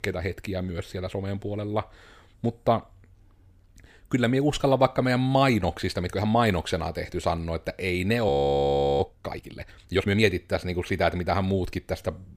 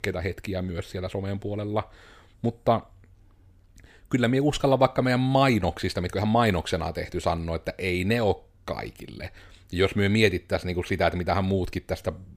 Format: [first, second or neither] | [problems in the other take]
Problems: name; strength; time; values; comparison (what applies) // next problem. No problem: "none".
second | audio freezing; at 8.5 s for 0.5 s